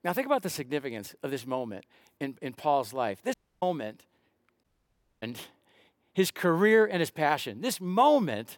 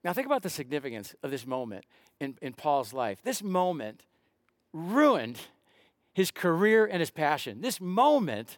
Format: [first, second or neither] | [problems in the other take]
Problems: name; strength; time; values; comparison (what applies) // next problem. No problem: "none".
second | audio cutting out; at 3.5 s and at 4.5 s for 0.5 s